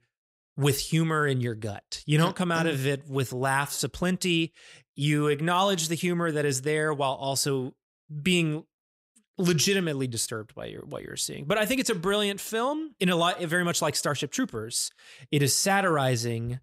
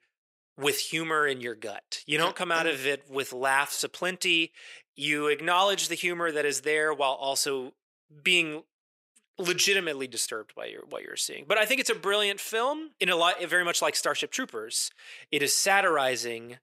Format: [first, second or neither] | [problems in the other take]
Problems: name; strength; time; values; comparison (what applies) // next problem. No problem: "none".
first | thin; somewhat; fading below 450 Hz